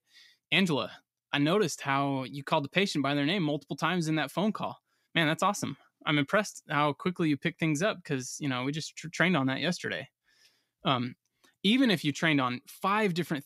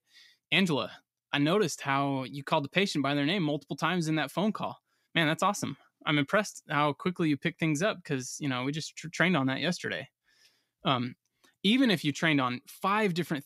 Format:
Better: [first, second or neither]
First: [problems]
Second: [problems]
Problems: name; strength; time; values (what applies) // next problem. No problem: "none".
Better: neither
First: none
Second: none